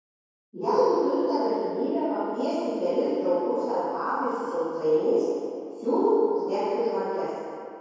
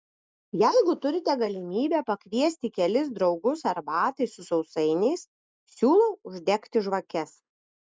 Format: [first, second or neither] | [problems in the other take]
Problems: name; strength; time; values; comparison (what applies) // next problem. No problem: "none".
second | room echo; dies away in 2.2 s